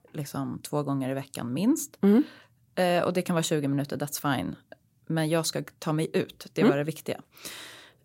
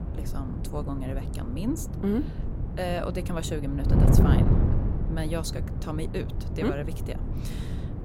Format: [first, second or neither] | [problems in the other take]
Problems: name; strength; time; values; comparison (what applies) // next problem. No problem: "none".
first | wind noise on the microphone; heavy; 3 dB below the speech